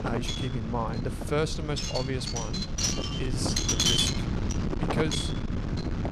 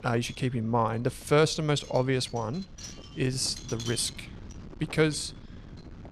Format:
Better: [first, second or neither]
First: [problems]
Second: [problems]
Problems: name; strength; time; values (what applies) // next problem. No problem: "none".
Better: second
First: wind noise on the microphone; heavy; 4 dB above the speech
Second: wind noise on the microphone; occasional gusts; 15 dB below the speech